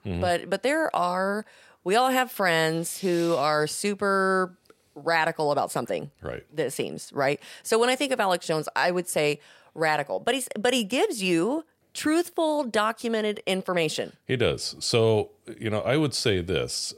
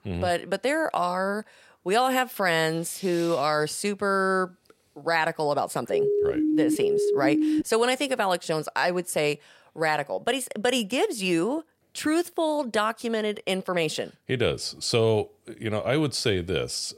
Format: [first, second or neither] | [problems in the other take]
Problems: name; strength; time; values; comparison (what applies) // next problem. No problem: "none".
first | siren; loud; from 6 to 7.5 s; peak 3 dB above the speech